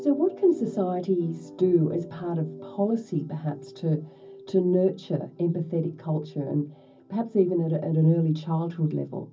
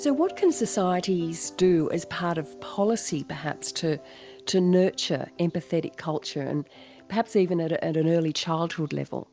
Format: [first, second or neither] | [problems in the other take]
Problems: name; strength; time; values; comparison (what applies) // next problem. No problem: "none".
second | room echo; dies away in 0.4 s